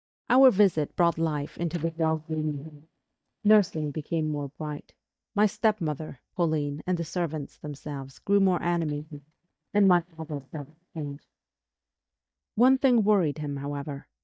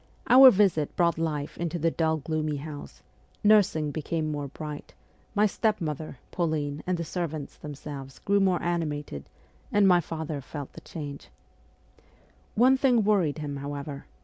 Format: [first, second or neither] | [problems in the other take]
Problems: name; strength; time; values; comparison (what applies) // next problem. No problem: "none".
second | noise reduction (neural mask model DeepFilterNet 3)